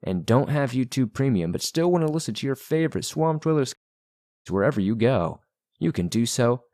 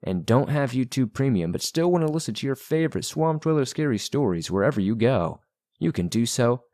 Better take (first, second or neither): second